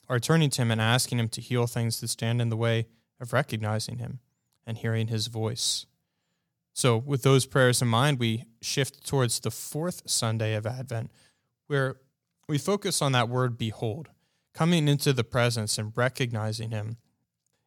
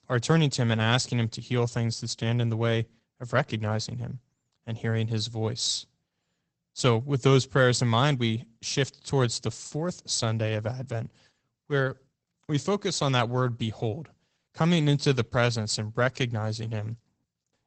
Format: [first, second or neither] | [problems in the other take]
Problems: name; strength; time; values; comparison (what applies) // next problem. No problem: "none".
first | garbled, watery; badly; nothing above 8 kHz